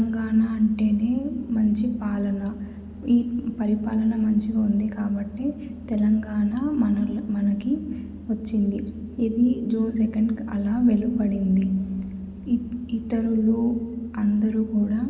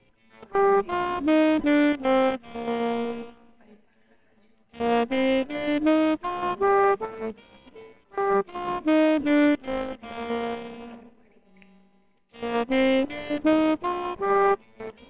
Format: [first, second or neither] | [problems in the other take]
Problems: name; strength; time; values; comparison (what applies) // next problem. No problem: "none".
first | noise reduction (neural separator model SepFormer WHAMR!)